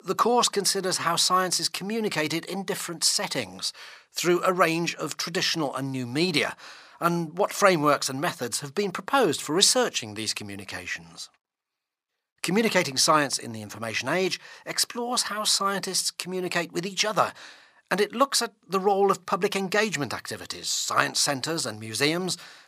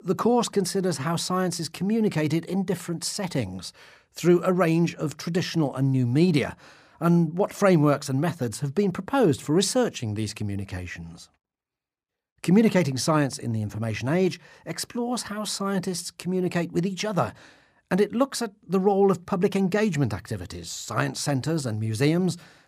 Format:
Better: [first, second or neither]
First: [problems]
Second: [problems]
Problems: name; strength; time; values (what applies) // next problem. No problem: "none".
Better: second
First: thin; somewhat; fading below 1 kHz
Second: none